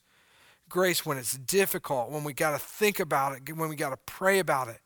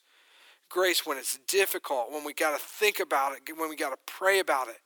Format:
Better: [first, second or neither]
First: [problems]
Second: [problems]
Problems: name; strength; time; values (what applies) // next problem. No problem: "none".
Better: first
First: none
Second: thin; somewhat; fading below 300 Hz